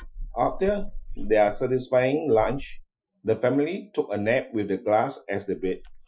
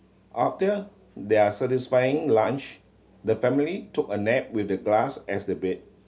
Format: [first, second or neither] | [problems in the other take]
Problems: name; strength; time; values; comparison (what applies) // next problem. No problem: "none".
second | noise reduction (classical method Wiener filter)